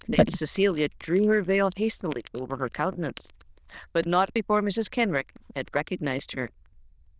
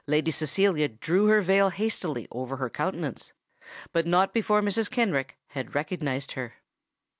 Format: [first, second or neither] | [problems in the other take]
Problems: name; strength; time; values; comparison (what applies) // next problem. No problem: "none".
second | noise reduction (neural diffusion model UNIVERSE++)